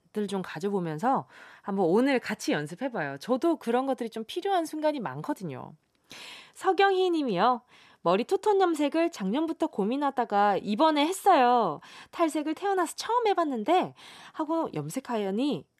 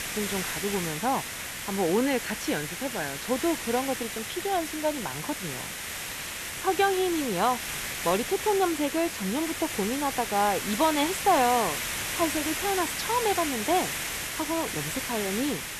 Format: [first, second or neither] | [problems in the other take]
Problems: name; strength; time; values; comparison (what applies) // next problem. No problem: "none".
first | hiss; loud; throughout; 3 dB below the speech